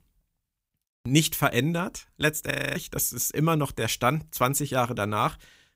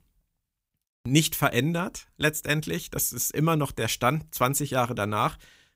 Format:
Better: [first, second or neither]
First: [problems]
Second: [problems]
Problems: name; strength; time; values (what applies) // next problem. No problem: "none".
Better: second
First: audio freezing; at 2.5 s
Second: none